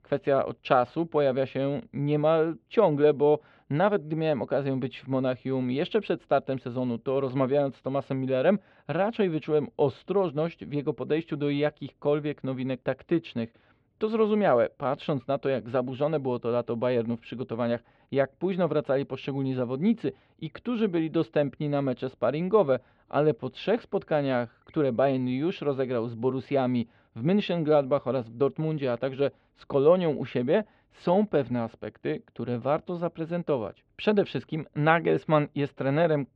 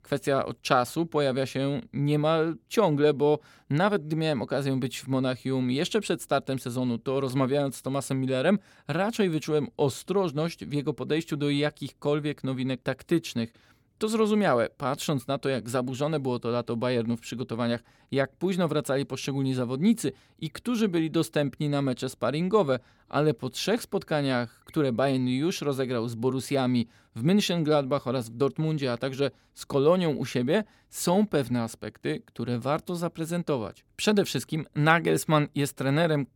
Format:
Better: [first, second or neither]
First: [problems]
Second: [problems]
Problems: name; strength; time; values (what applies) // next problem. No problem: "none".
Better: second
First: muffled; very; fading above 3 kHz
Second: none